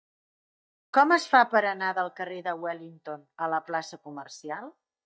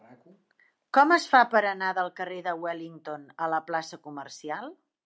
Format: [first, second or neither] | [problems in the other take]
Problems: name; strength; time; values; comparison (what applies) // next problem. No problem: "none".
second | noise reduction (neural mask model DeepFilterNet 3)